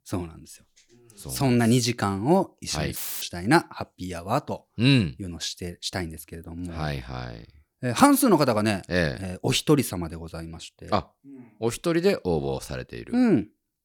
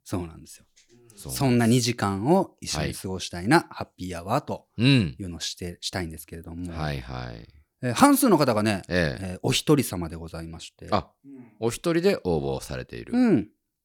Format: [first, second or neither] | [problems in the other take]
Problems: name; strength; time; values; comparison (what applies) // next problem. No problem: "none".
second | audio cutting out; filled with static; at 3 s